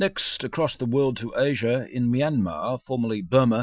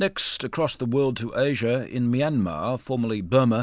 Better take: second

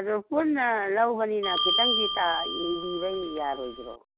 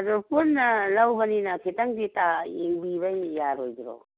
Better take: second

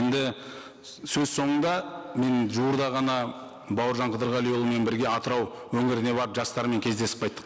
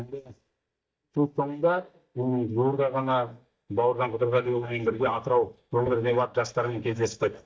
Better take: first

